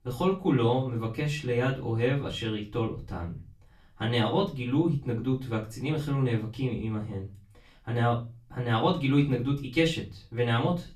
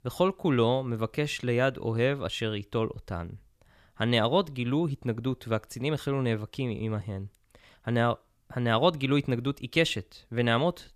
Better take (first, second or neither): second